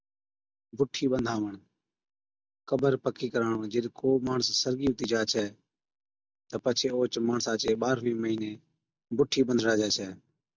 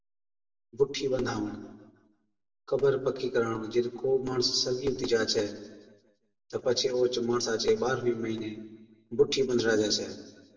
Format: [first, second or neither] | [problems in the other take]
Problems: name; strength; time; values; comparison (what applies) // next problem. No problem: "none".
first | room echo; dies away in 1 s